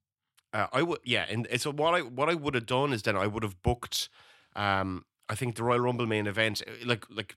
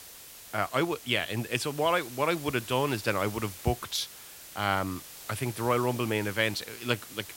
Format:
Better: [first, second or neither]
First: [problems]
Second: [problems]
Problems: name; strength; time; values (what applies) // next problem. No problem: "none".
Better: first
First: none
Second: hiss; noticeable; throughout; 15 dB below the speech